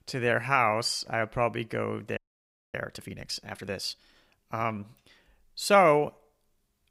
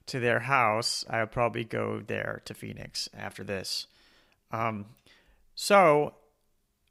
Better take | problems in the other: second | audio freezing; at 2 s for 0.5 s

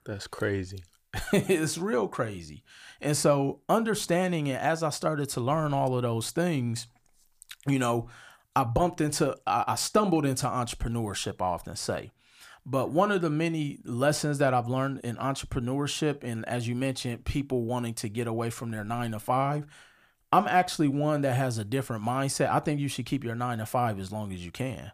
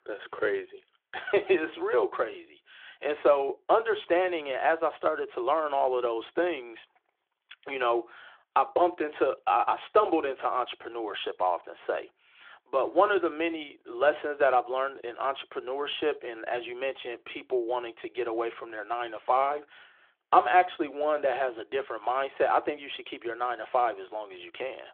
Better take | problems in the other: first | phone-call audio; nothing above 3.5 kHz

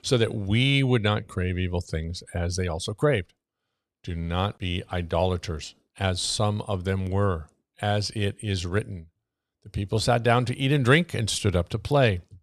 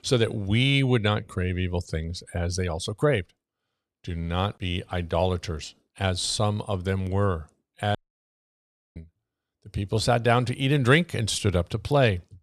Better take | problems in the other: first | audio cutting out; at 8 s for 1 s

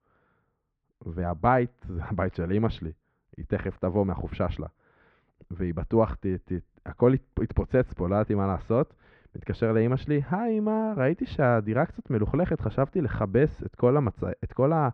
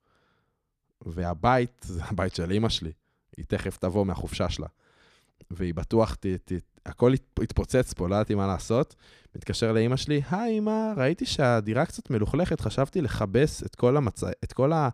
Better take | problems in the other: second | muffled; very; fading above 2 kHz

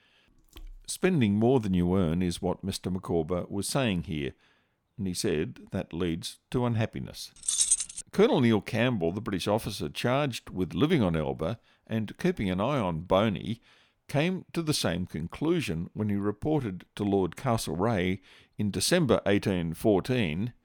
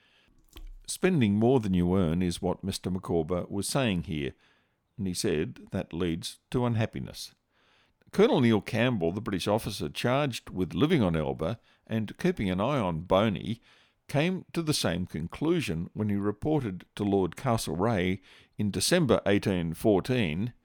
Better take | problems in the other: second | jangling keys; loud; at 7.5 s; peak 5 dB above the speech

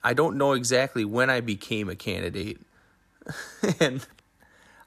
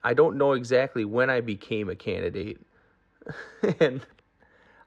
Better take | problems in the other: first | muffled; slightly; fading above 3 kHz

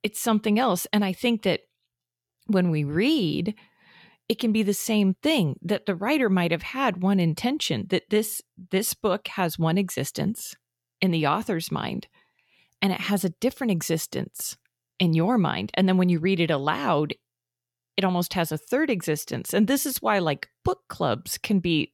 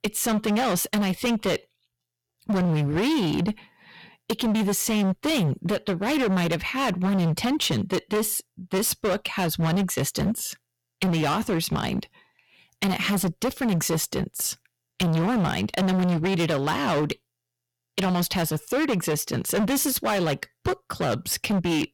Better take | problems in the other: first | distortion; heavy; 22% of the sound clipped

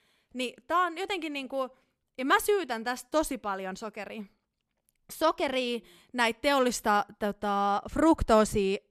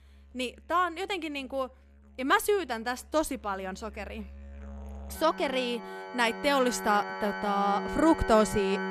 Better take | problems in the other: first | background music; loud; throughout; 10 dB below the speech

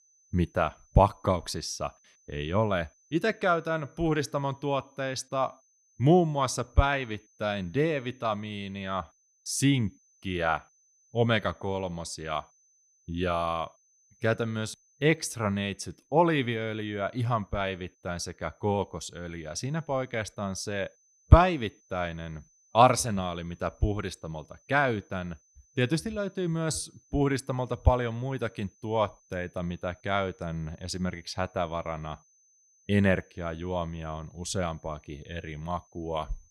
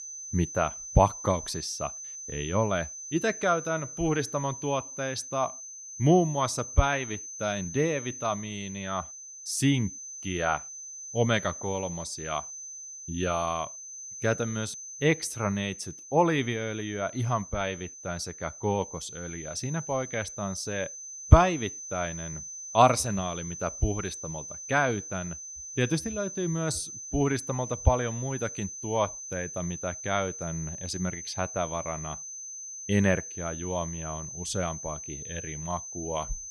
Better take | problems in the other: first | high-pitched whine; loud; throughout; 6 kHz, 9 dB below the speech; faint in the first

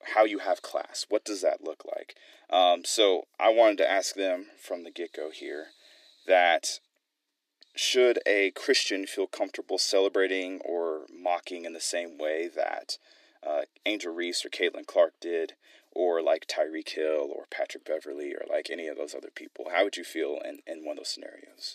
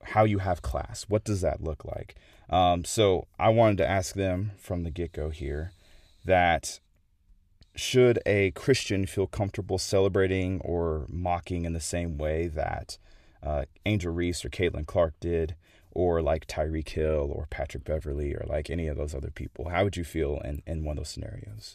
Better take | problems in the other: second | thin; somewhat; fading below 300 Hz

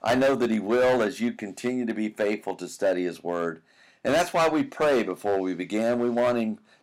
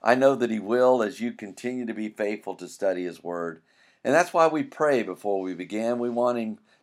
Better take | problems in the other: second | distortion; heavy; 9% of the sound clipped

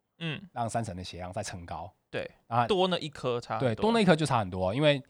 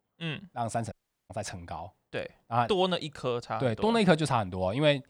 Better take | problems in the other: first | audio cutting out; at 1 s

